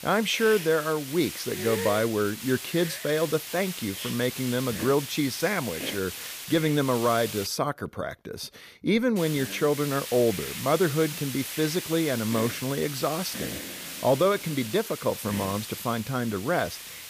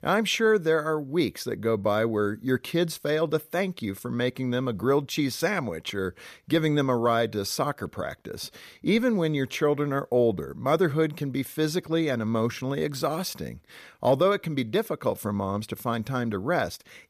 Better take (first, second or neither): second